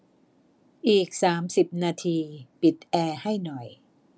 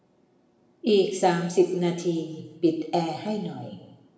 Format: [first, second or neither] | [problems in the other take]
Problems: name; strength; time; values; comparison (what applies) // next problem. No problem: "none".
first | room echo; dies away in 1 s